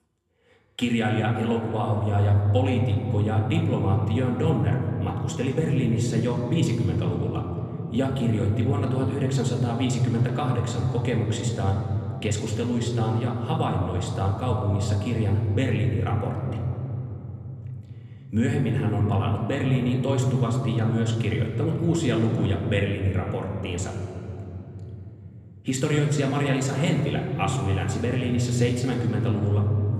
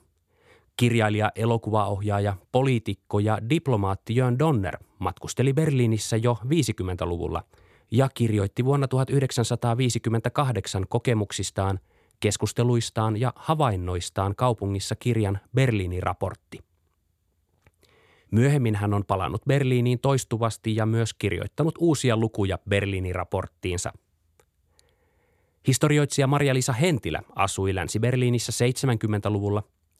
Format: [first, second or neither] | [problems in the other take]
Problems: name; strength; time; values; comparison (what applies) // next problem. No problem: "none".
second | room echo; noticeable; dies away in 3 s // off-mic speech; somewhat distant